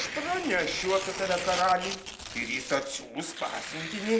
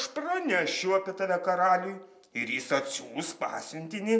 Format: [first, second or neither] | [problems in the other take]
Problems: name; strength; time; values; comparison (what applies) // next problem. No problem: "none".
second | background sound (Tearing); 8 dB below the speech